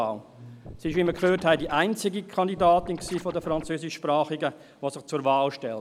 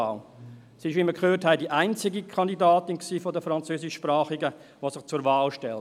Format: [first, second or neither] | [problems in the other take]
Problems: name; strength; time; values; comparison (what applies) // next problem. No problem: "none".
second | background sound (Scratching (performance technique)); 16 dB below the speech